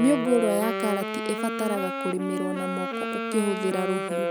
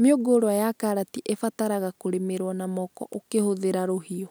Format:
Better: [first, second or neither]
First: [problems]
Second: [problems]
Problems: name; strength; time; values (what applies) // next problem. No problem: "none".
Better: second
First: background sound (Wind instrument, woodwind instrument); 3 dB below the speech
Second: none